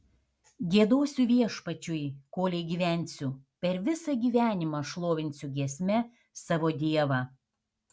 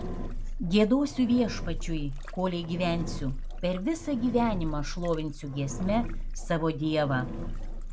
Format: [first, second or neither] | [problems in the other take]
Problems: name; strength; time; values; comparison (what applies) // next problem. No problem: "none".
first | background sound (Engine); 5 dB below the speech